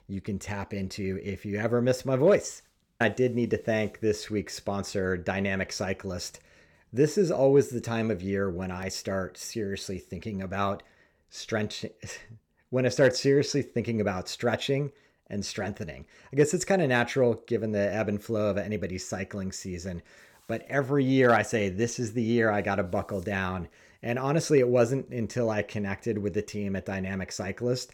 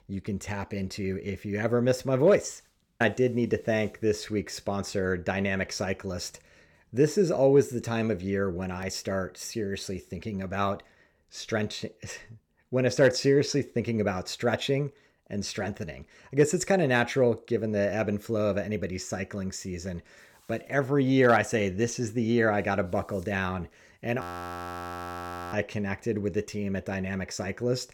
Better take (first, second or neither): first